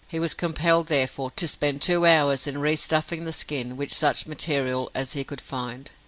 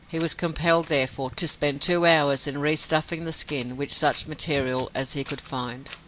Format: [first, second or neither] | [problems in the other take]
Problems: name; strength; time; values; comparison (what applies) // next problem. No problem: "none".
first | background sound (Wind); 20 dB below the speech